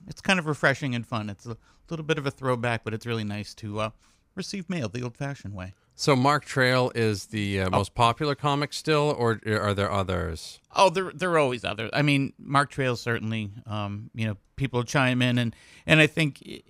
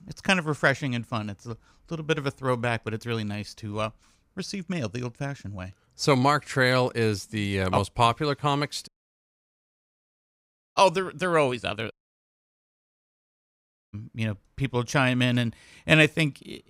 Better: first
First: none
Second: audio cutting out; at 9 s for 2 s and at 12 s for 2 s

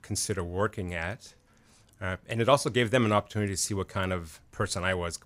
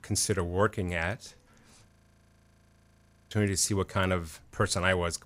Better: first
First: none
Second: audio freezing; at 2 s for 1.5 s

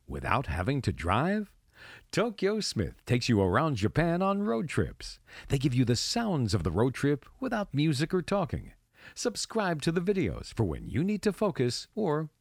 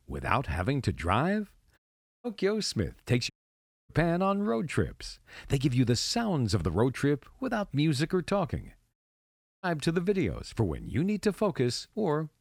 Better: first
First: none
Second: audio cutting out; at 2 s, at 3.5 s for 0.5 s and at 9 s for 0.5 s

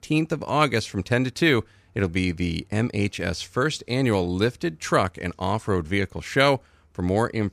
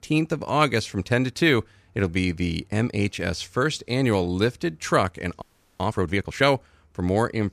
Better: first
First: none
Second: audio freezing; at 5.5 s

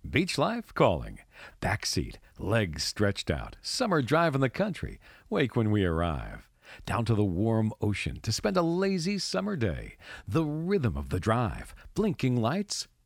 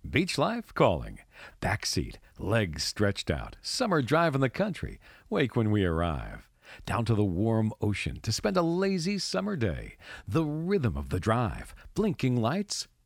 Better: neither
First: none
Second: none

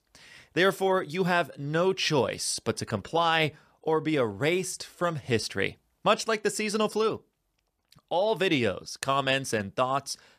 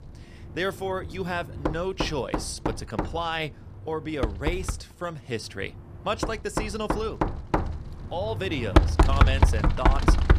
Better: first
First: none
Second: household noises; very loud; throughout; 5 dB above the speech

